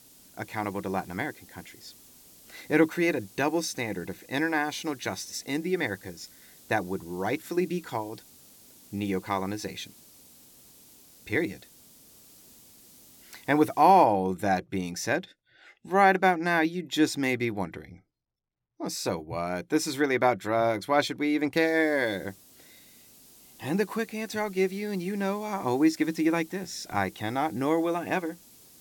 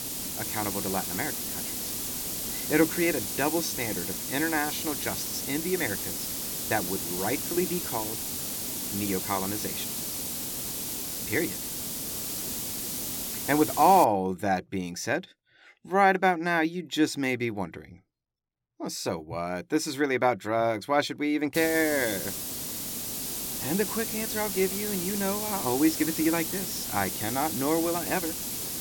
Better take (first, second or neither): first